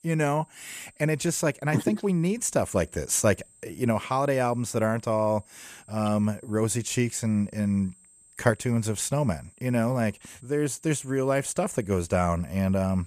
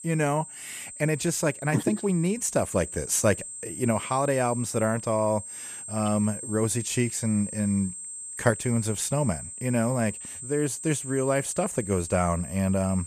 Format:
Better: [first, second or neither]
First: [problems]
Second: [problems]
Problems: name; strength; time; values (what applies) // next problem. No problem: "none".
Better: first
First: high-pitched whine; faint; throughout; 8 kHz, 30 dB below the speech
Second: high-pitched whine; loud; throughout; 8 kHz, 9 dB below the speech